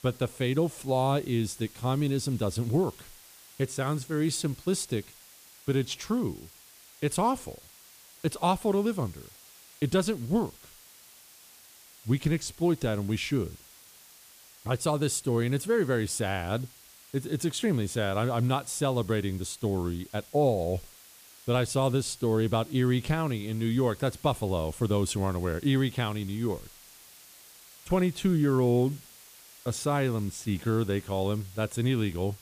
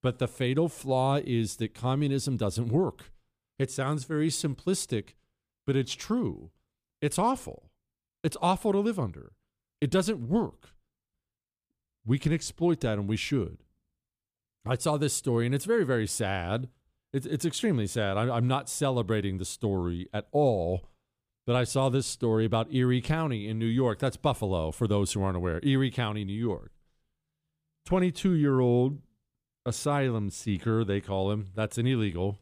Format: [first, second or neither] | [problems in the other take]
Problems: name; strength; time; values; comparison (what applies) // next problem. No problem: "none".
second | hiss; faint; throughout; 20 dB below the speech